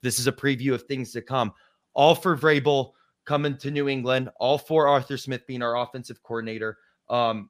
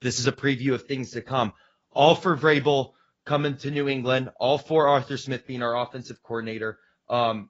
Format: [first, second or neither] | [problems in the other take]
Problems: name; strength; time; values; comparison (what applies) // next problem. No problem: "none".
first | garbled, watery; badly; nothing above 7.5 kHz